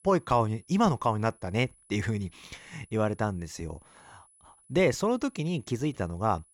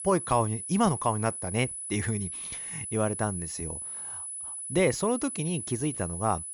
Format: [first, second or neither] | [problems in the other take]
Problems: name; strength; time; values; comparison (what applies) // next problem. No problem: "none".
first | high-pitched whine; loud; throughout; 10 kHz, 5 dB below the speech; faint in the first